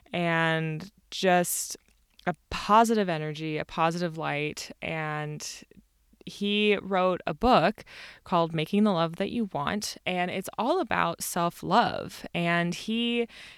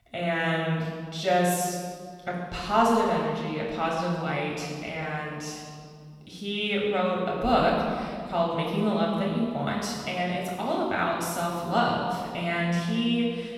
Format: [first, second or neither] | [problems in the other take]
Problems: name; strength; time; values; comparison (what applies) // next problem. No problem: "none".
first | off-mic speech; far // room echo; noticeable; dies away in 1.7 s